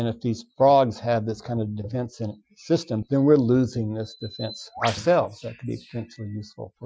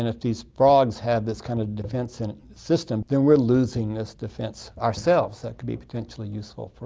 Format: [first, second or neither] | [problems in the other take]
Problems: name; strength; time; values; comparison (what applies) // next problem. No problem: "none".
second | noise reduction (classical method Wiener filter)